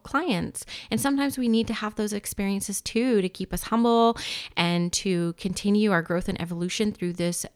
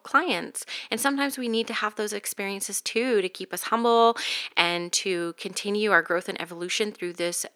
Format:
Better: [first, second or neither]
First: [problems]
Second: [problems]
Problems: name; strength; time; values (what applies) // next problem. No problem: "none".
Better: first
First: none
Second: thin; somewhat; fading below 300 Hz